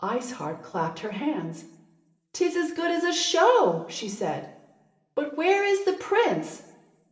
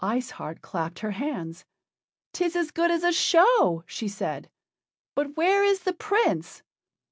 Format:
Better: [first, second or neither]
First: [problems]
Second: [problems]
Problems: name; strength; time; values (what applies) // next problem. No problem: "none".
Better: second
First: room echo; dies away in 0.7 s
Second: none